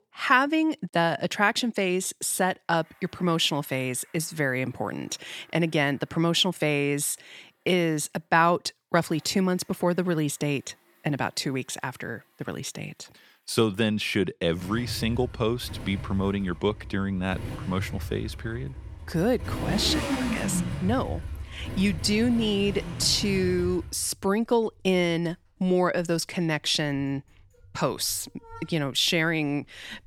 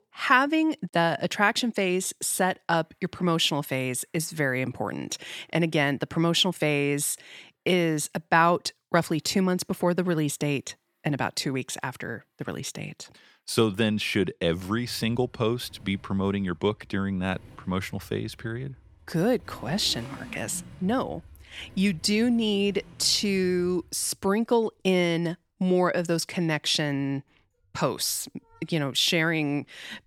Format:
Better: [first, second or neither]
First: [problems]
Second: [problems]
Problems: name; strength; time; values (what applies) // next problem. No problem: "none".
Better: second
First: traffic noise; loud; throughout; 8 dB below the speech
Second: traffic noise; faint; throughout; 25 dB below the speech